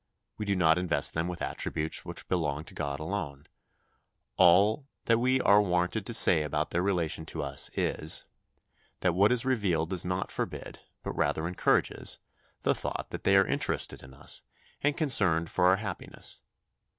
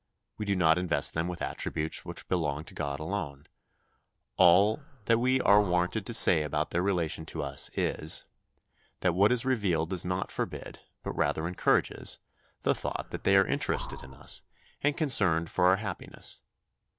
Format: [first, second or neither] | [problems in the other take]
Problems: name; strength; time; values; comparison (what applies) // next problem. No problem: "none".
first | background sound (Breathing); 14 dB below the speech